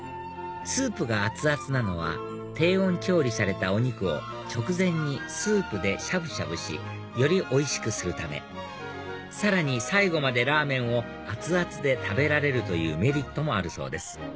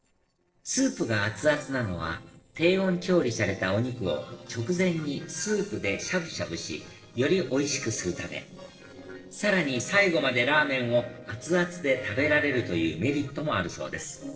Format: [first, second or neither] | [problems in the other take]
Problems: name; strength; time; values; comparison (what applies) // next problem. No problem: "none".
first | noise reduction (neural separator model SepFormer DNS4)